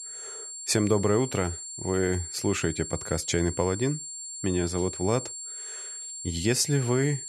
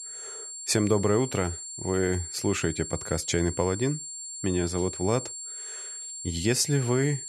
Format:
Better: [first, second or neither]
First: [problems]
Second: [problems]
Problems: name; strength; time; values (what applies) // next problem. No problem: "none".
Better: neither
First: high-pitched whine; loud; throughout; 7.5 kHz, 8 dB below the speech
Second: high-pitched whine; loud; throughout; 7.5 kHz, 8 dB below the speech